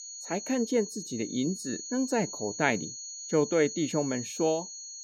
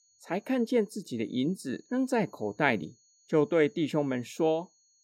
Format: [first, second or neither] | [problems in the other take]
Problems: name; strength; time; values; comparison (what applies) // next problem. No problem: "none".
second | high-pitched whine; loud; throughout; 6.5 kHz, 8 dB below the speech; faint in the second